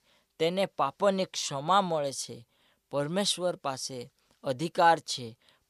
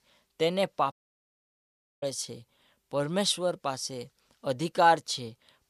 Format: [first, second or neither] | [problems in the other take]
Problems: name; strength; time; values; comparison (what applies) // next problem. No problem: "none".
first | audio cutting out; at 1 s for 1 s